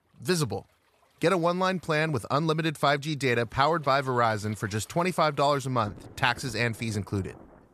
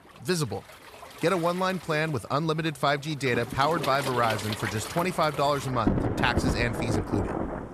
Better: first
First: rain or running water; faint; throughout; 25 dB below the speech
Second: rain or running water; loud; throughout; 5 dB below the speech

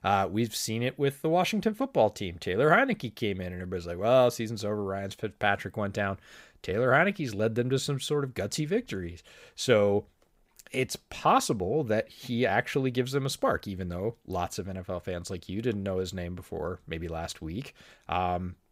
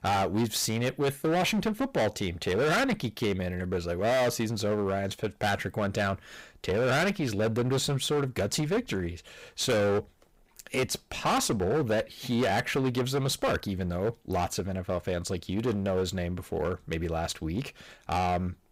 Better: first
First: none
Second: distortion; heavy; 17% of the sound clipped

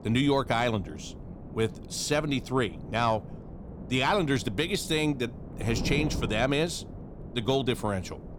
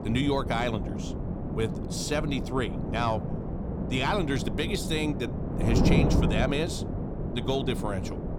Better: first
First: wind noise on the microphone; occasional gusts; 15 dB below the speech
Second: wind noise on the microphone; heavy; 5 dB below the speech

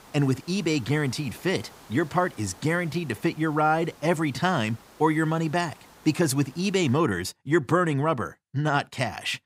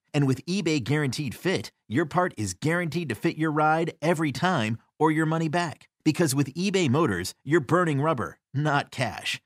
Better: second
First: hiss; faint; until 7 s; 25 dB below the speech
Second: none

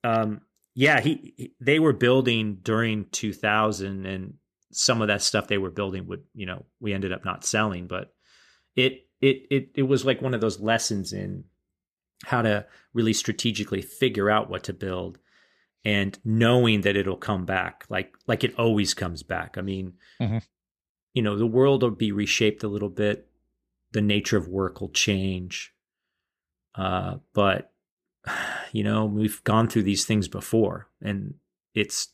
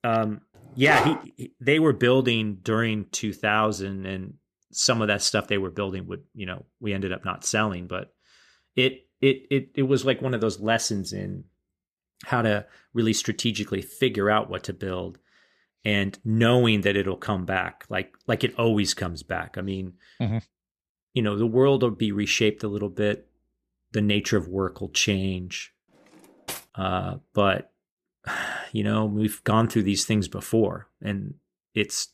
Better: first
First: none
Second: dog barking; noticeable; at 1 s; peak level with the speech // clattering dishes; faint; at 26 s; peak 10 dB below the speech

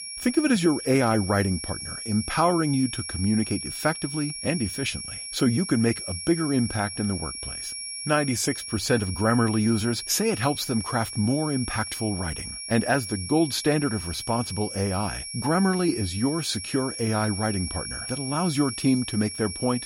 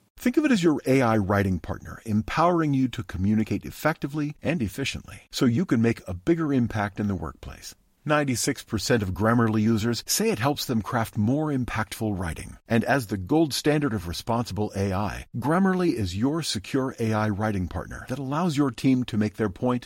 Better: second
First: high-pitched whine; loud; throughout; 5.5 kHz, 7 dB below the speech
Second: none

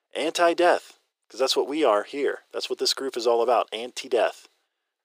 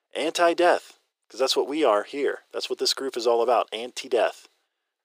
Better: neither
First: thin; very; fading below 350 Hz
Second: thin; very; fading below 350 Hz

